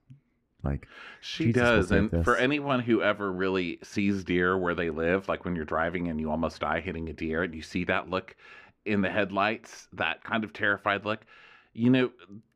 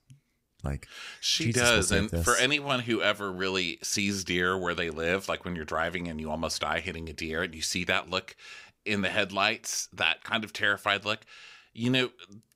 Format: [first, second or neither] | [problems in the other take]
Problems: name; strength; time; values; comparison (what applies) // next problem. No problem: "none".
second | muffled; very; fading above 3.5 kHz